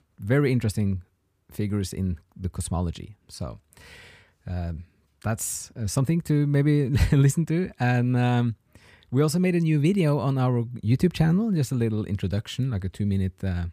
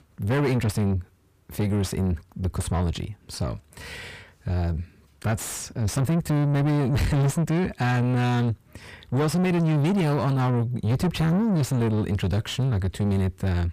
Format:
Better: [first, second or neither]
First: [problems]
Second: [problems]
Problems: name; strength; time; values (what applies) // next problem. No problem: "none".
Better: first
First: none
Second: distortion; heavy; 7 dB below the speech